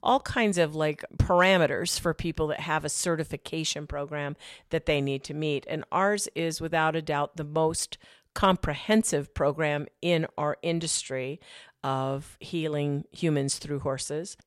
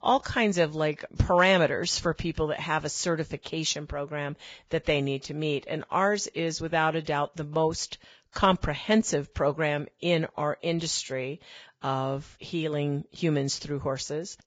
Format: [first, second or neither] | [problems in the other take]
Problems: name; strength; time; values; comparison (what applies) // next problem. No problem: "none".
first | garbled, watery; badly; nothing above 7.5 kHz